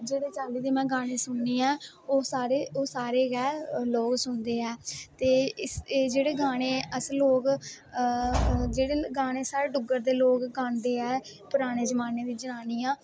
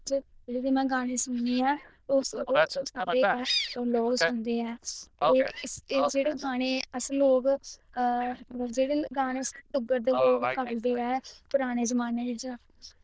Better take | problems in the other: first | noise reduction (neural diffusion model UNIVERSE++)

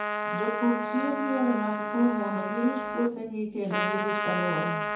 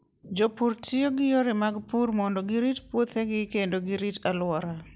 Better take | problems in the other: second | background sound (Trumpet); 2 dB below the speech // room echo; dies away in 0.6 s

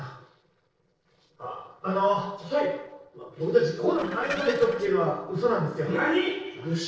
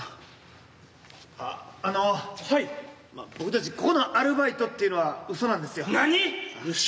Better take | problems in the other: second | noise reduction (neural separator model SepFormer DNS4)

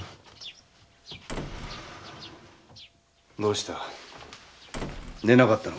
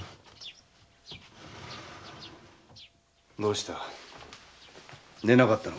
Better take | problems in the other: second | background sound (Slam); 13 dB below the speech

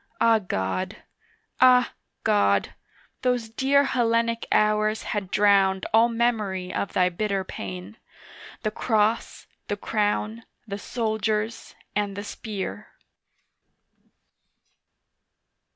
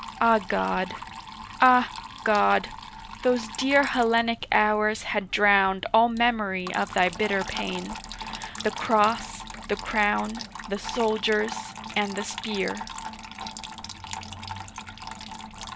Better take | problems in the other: first | background sound (Trickle, dribble / Water tap, faucet); 12 dB below the speech

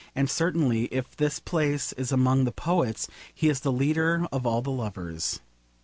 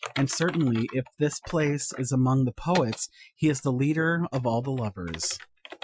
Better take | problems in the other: first | noise reduction (classical method Wiener filter)

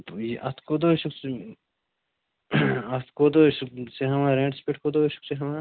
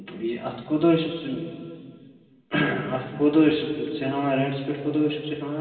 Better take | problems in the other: first | room echo; dies away in 2.4 s

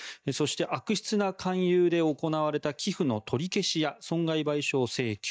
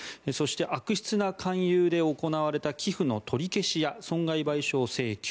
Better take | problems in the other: second | noise reduction (neural mask model DeepFilterNet 3)

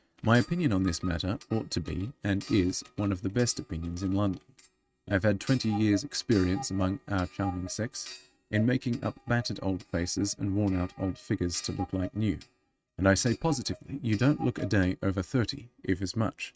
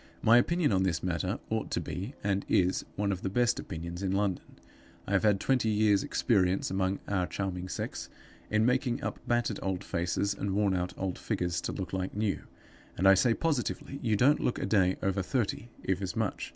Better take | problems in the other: second | noise reduction (neural mask model RNNoise)

